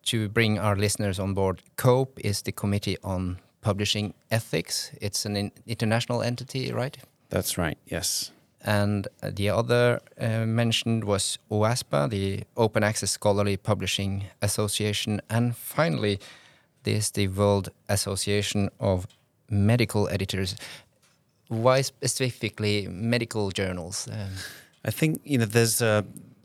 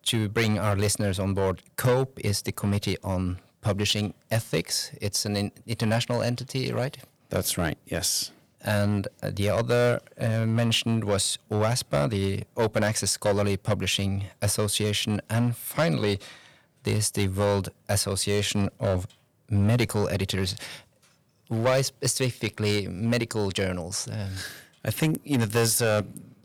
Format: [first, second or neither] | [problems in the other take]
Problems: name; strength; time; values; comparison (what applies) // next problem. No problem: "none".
first | distortion; slight; 4% of the sound clipped